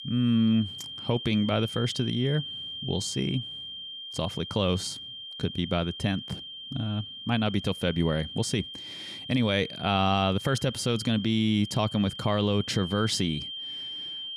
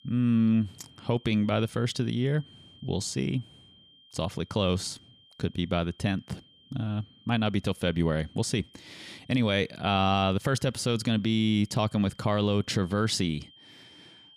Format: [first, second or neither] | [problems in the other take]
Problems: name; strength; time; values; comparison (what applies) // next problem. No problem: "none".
second | high-pitched whine; loud; throughout; 3 kHz, 9 dB below the speech; faint in the second